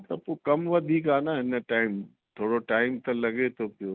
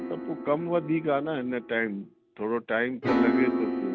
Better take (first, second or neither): first